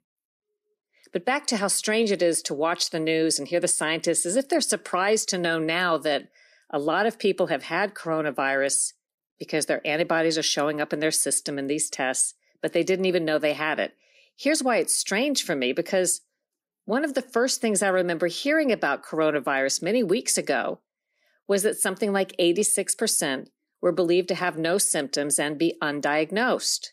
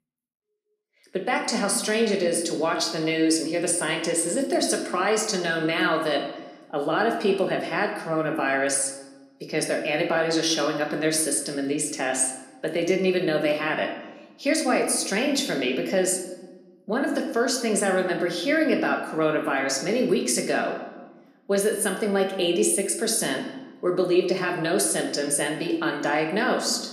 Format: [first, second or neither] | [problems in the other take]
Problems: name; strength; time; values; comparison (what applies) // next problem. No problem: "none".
first | room echo; slight; dies away in 0.9 s